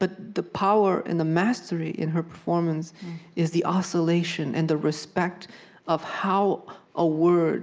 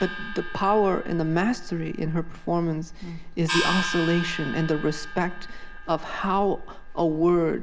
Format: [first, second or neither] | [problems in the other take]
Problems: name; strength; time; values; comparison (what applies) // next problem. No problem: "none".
first | background sound (Gong); 7 dB below the speech